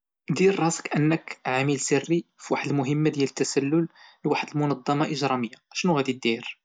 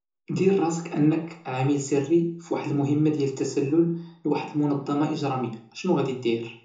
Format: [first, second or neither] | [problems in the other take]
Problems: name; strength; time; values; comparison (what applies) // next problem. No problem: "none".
first | room echo; dies away in 0.6 s